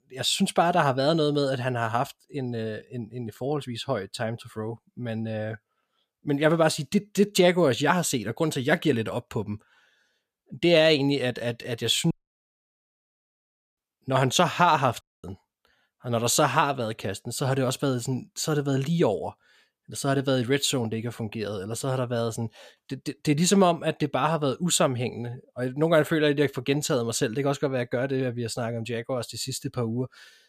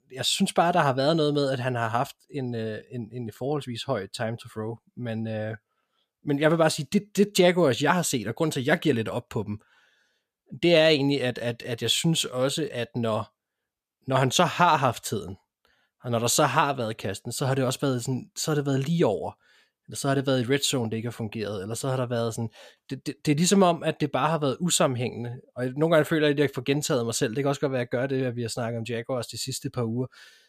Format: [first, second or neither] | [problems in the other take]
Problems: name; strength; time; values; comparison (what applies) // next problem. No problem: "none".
second | audio cutting out; at 12 s for 1.5 s and at 15 s